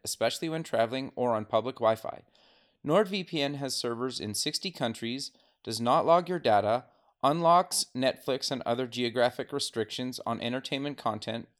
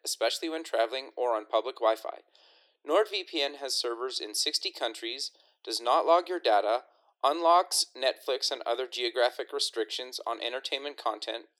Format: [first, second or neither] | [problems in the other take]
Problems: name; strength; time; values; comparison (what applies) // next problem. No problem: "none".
first | thin; very; fading below 300 Hz